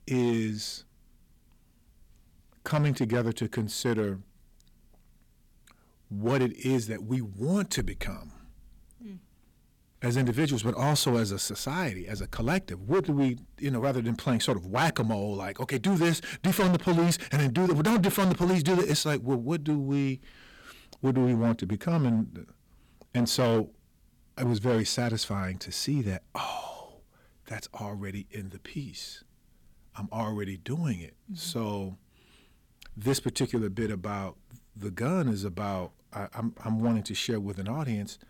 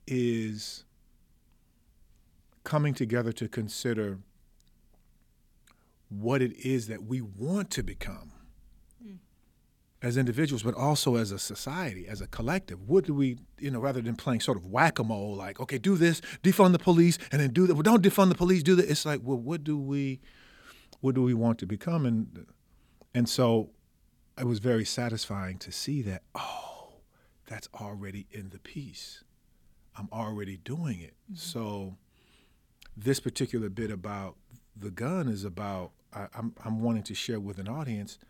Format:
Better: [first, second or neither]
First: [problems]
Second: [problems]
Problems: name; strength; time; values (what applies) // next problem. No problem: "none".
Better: second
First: distortion; heavy; 6% of the sound clipped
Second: none